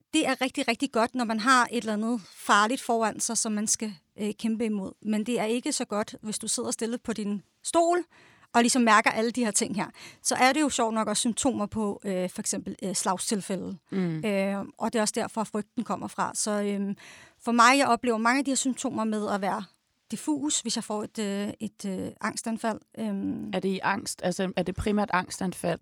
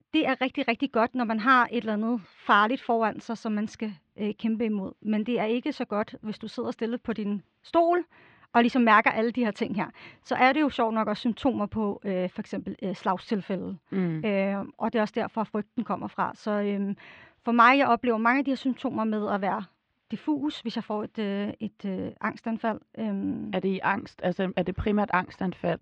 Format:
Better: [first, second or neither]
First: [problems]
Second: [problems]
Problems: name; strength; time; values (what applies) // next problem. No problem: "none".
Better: first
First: none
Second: muffled; very; fading above 3 kHz